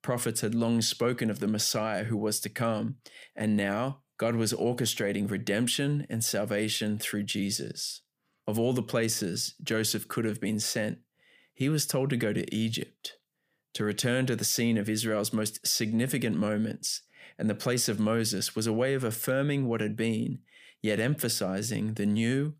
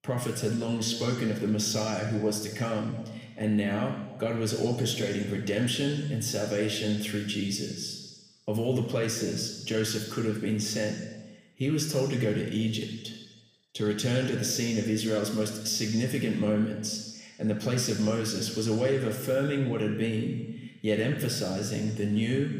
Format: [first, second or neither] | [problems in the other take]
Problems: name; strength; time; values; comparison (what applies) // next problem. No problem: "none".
first | room echo; noticeable; dies away in 1.2 s // off-mic speech; somewhat distant